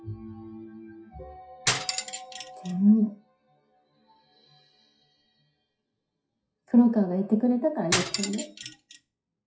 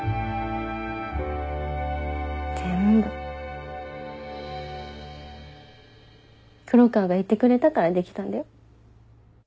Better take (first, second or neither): second